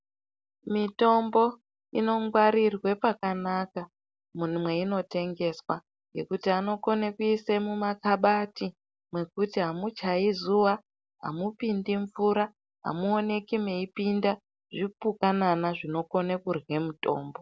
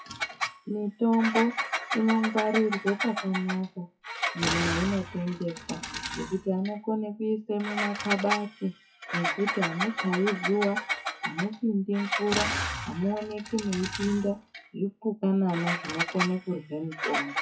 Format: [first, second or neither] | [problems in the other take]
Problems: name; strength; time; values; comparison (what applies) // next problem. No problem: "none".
first | noise reduction (classical method WPE with log-MMSE)